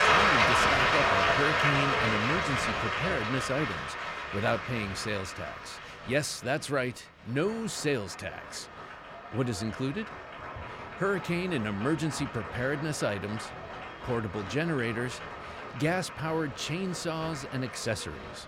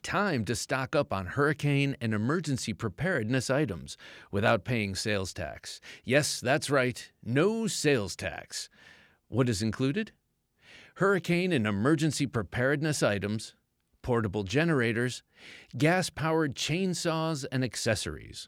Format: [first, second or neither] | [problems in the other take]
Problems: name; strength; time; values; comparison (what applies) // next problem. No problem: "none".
second | crowd noise; very loud; throughout; 2 dB above the speech